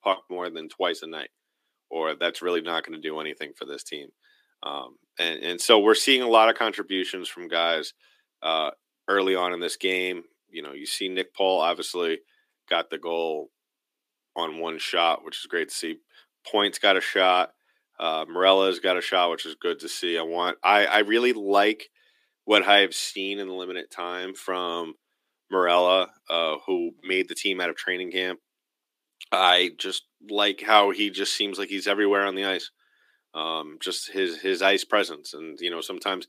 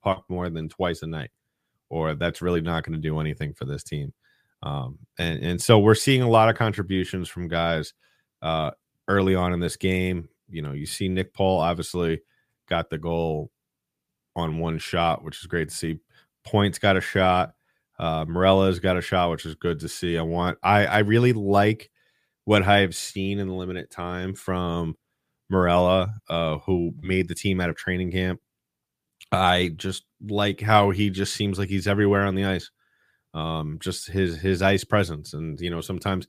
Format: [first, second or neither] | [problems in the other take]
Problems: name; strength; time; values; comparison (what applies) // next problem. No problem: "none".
second | thin; somewhat; fading below 250 Hz